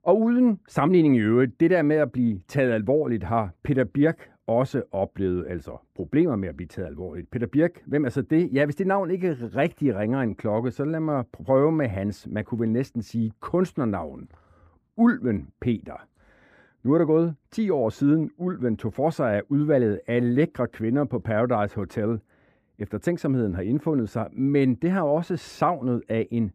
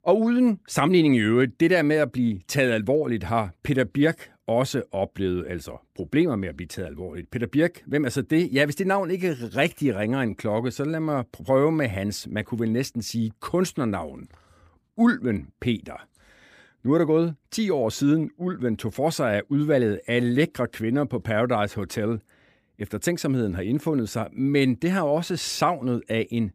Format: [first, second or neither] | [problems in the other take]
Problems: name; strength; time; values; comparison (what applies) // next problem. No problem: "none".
second | muffled; slightly; fading above 2.5 kHz